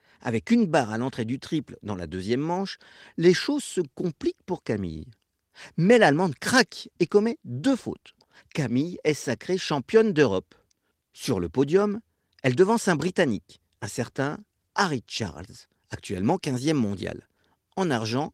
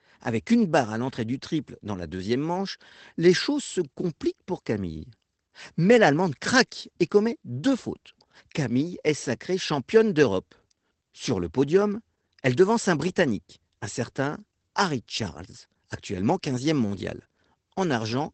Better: first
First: garbled, watery; slightly; nothing above 16 kHz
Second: garbled, watery; badly; nothing above 8 kHz

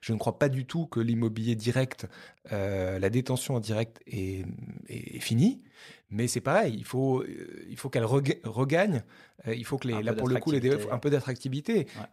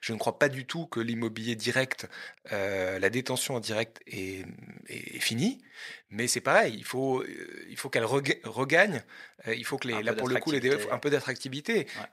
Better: first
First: none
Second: thin; somewhat; fading below 500 Hz

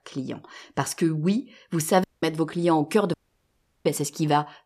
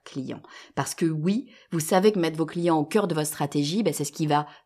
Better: second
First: audio cutting out; at 2 s and at 3 s for 0.5 s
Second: none

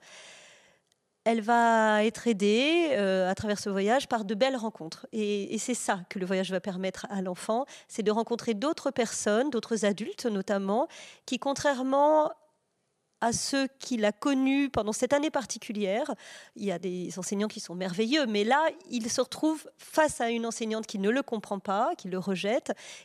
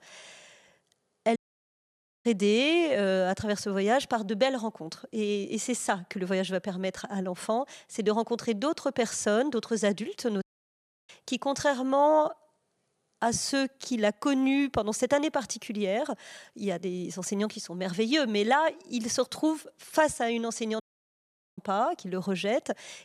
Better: first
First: none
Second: audio cutting out; at 1.5 s for 1 s, at 10 s for 0.5 s and at 21 s for 1 s

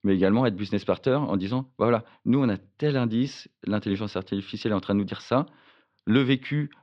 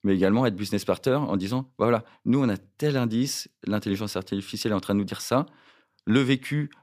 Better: second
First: muffled; slightly; fading above 4 kHz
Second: none

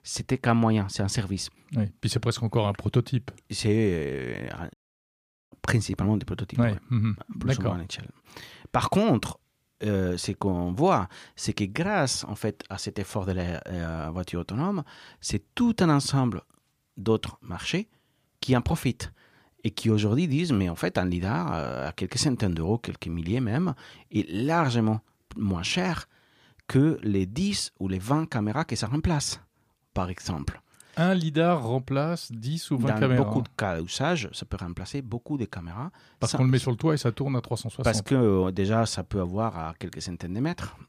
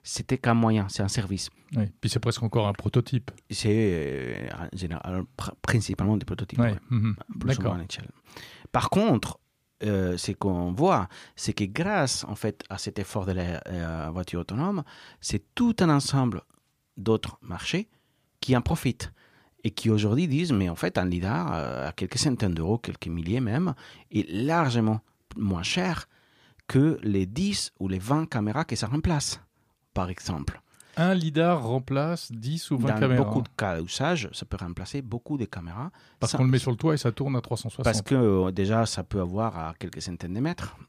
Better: second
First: audio cutting out; at 4.5 s for 1 s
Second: none

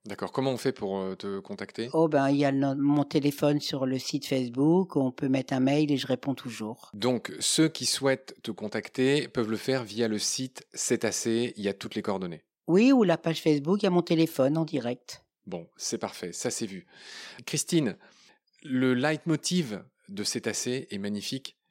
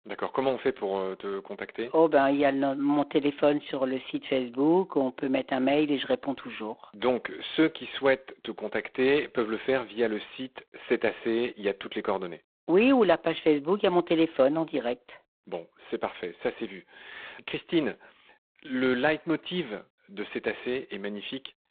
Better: first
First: none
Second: phone-call audio; poor line; nothing above 3.5 kHz

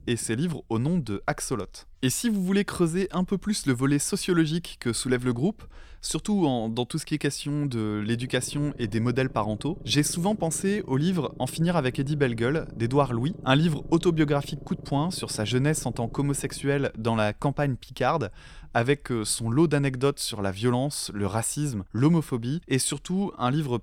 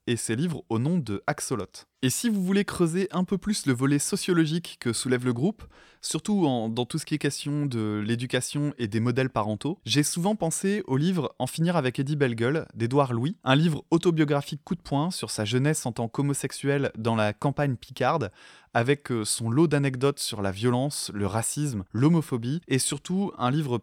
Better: second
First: low rumble; faint; throughout; 20 dB below the speech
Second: none

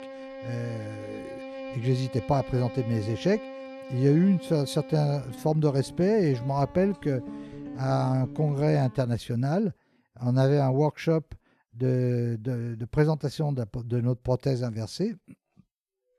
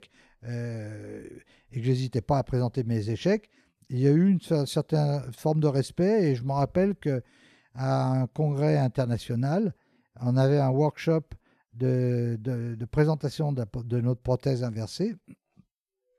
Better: second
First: background music; noticeable; until 9 s; 15 dB below the speech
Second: none

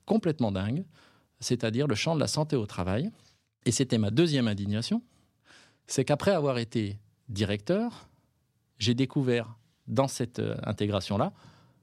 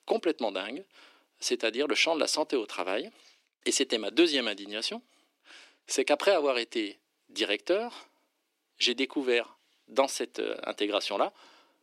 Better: first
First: none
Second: thin; somewhat; fading below 300 Hz

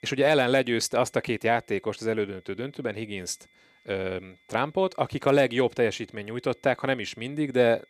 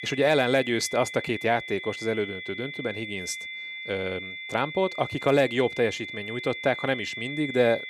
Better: first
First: high-pitched whine; faint; throughout; 2 kHz, 35 dB below the speech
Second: high-pitched whine; loud; throughout; 2 kHz, 8 dB below the speech

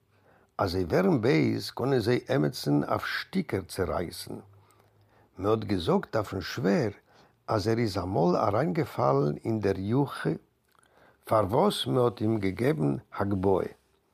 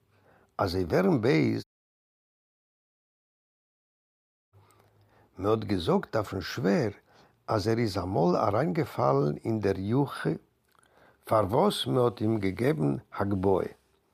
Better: first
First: none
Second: audio cutting out; at 1.5 s for 3 s

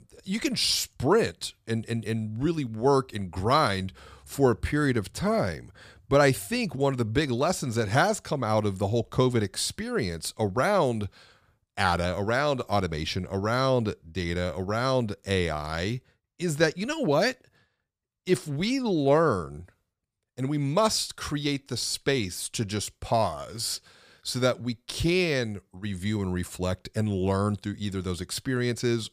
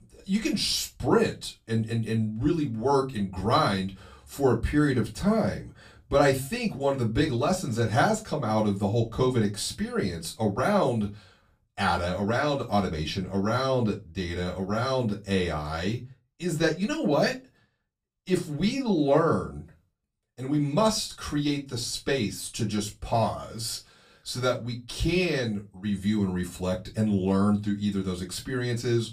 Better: first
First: none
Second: off-mic speech; far // room echo; very slight; dies away in 0.2 s

